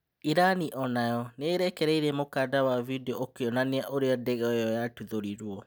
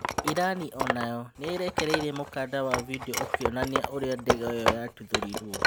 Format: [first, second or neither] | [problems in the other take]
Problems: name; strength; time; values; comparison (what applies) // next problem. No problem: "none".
first | background sound (Wood); 1 dB above the speech